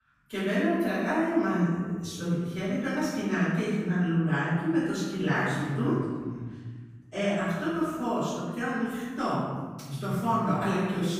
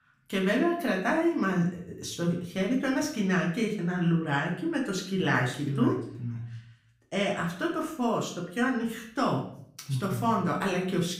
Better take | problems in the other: second | room echo; strong; dies away in 1.5 s; slight in the second // off-mic speech; far; far in the second

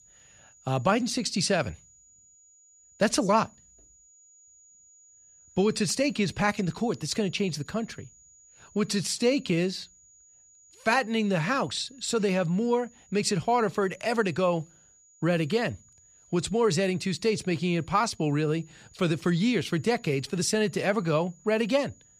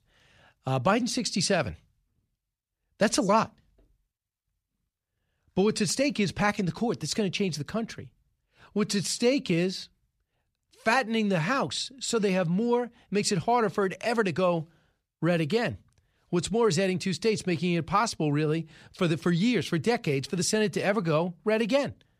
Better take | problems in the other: second | high-pitched whine; faint; throughout; 7 kHz, 30 dB below the speech

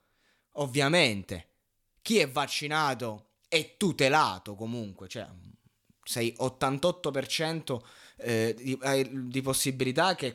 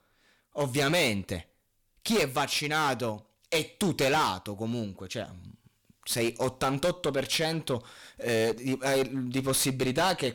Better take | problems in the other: first | distortion; heavy; 10% of the sound clipped

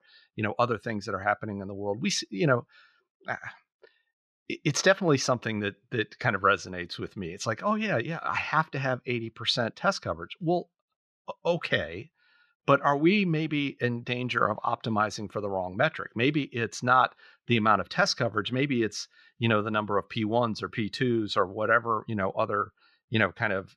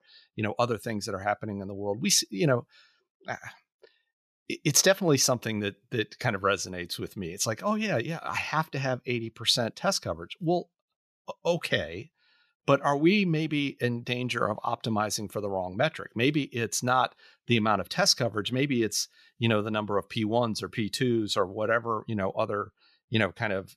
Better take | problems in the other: second | muffled; slightly; fading above 4 kHz

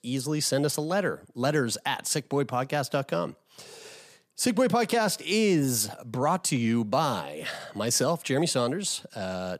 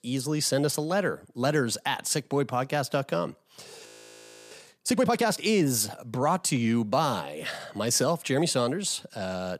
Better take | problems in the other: first | audio freezing; at 4 s for 0.5 s

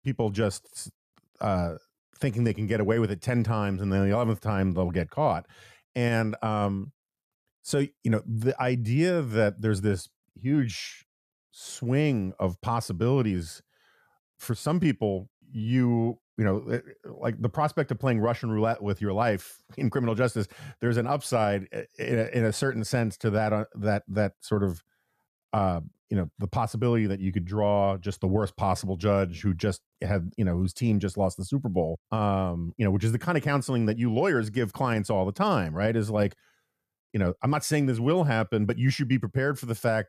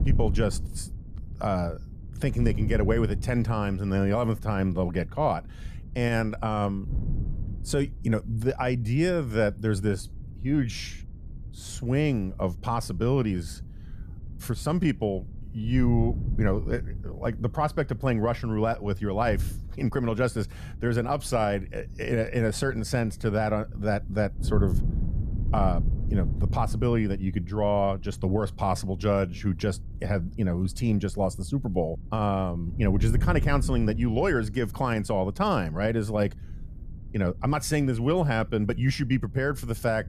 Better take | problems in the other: first | wind noise on the microphone; occasional gusts; 20 dB below the speech

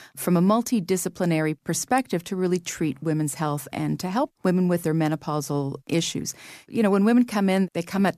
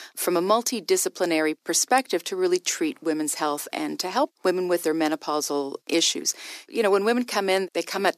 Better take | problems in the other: first | thin; somewhat; fading below 350 Hz

